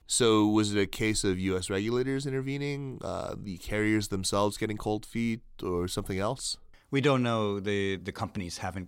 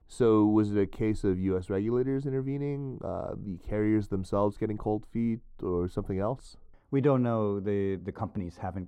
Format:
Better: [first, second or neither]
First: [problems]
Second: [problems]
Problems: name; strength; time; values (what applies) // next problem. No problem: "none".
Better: first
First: none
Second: muffled; very; fading above 2 kHz